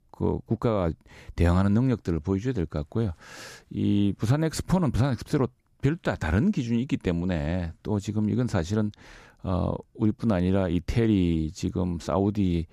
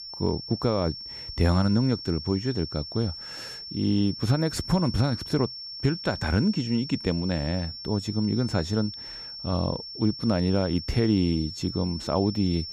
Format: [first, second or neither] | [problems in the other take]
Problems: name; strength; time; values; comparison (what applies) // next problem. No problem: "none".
first | high-pitched whine; loud; throughout; 5.5 kHz, 9 dB below the speech